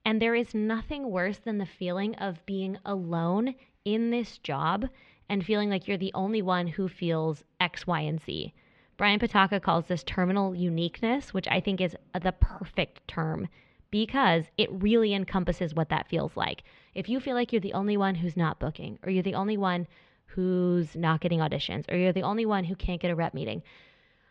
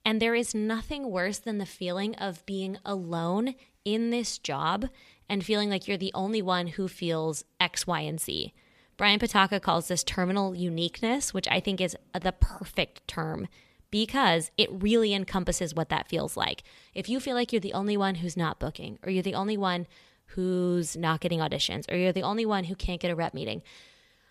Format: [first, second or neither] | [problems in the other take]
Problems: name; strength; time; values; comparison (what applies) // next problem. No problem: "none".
second | muffled; slightly; fading above 3 kHz